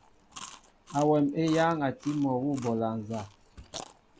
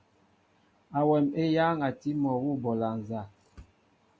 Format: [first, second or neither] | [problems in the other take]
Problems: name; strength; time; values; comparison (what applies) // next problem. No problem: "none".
second | background sound (Chewing, mastication); 18 dB below the speech